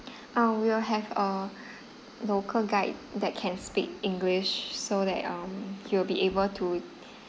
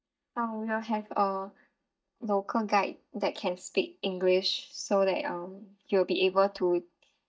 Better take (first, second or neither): first